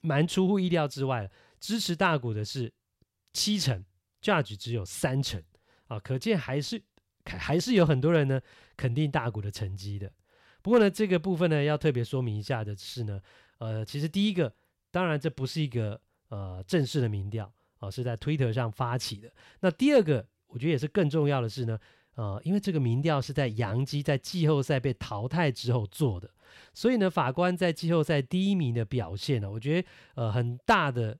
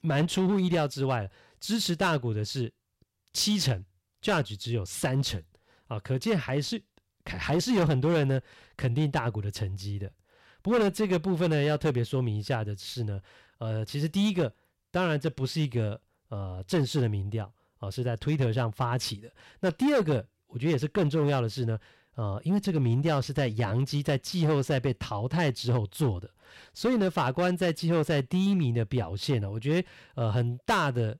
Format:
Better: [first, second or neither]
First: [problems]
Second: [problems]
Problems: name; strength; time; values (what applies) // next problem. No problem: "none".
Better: first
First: none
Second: distortion; slight; 7% of the sound clipped